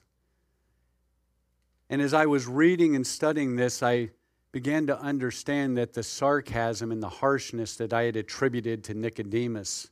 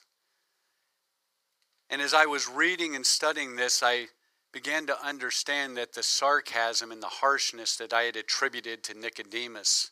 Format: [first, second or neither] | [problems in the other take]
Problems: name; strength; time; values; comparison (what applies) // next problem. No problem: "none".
first | thin; very; fading below 900 Hz